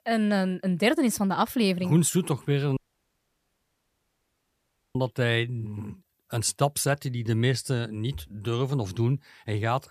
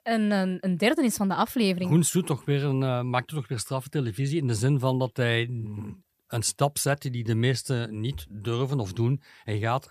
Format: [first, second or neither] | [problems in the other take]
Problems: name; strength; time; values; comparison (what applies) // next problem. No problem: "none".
second | audio cutting out; at 3 s for 2 s